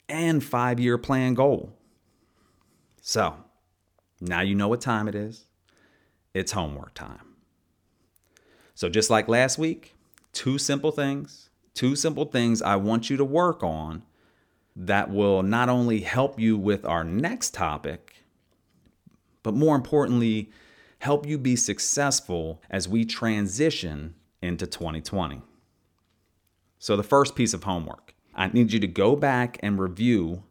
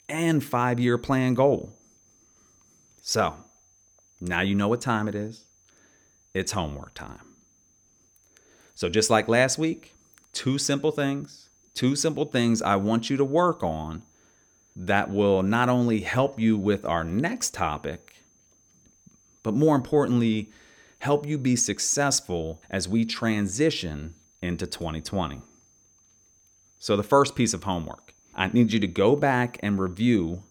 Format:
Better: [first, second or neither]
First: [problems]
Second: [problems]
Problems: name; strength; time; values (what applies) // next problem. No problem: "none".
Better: first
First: none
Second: high-pitched whine; faint; throughout; 6 kHz, 35 dB below the speech